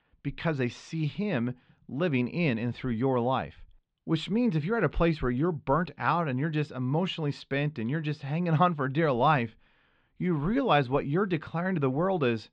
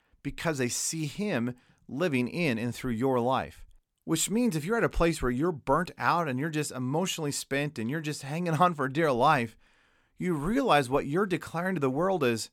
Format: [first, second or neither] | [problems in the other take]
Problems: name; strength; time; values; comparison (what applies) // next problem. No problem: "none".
second | muffled; slightly; fading above 3.5 kHz